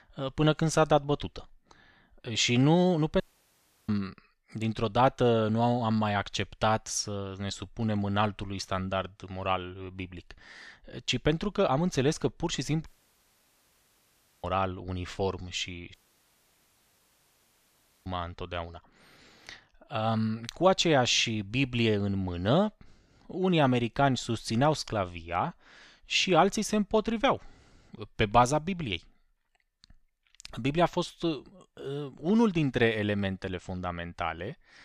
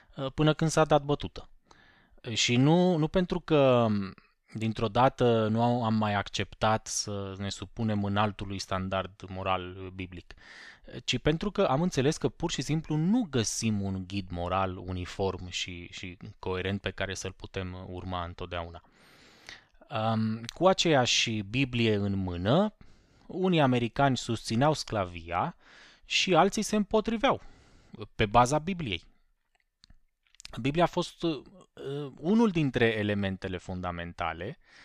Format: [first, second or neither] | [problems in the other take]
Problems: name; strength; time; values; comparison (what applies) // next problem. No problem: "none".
second | audio cutting out; at 3 s for 0.5 s, at 13 s for 1.5 s and at 16 s for 2 s